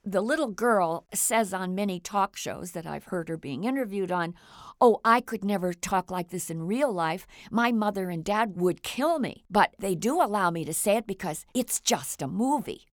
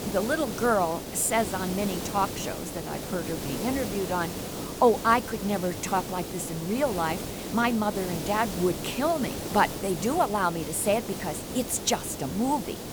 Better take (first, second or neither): first